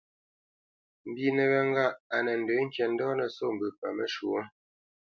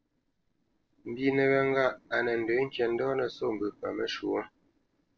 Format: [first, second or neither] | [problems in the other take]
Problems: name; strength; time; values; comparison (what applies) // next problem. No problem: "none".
first | noise reduction (neural separator model SepFormer DNS4)